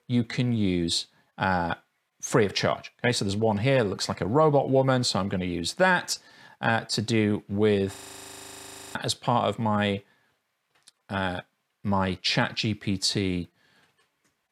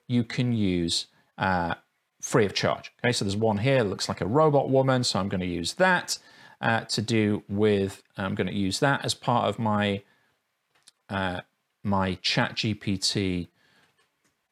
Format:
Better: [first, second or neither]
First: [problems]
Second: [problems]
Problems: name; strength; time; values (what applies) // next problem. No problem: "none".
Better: second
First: audio freezing; at 8 s for 1 s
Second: none